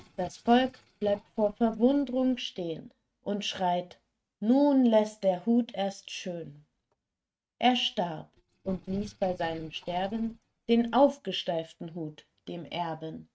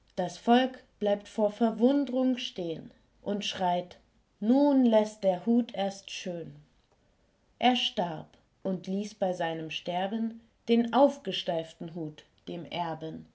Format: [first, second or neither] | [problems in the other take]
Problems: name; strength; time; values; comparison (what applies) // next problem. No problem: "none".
second | noise reduction (neural mask model RNNoise)